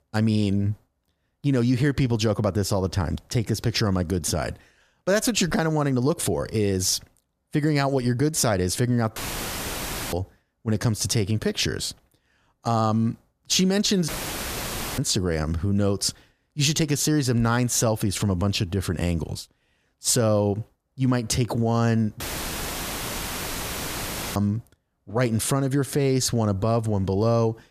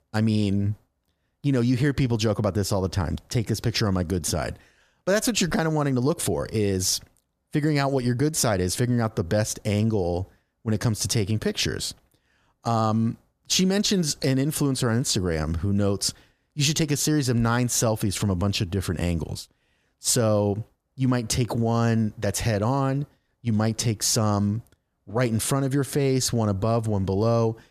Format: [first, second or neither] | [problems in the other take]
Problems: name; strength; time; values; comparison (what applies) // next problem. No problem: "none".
second | audio cutting out; filled with static; at 9 s for 1 s, at 14 s for 1 s and at 22 s for 2 s